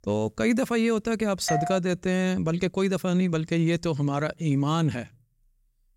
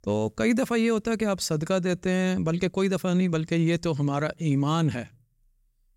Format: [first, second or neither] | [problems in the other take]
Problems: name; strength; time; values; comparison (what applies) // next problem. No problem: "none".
second | doorbell; noticeable; at 1.5 s; peak 3 dB below the speech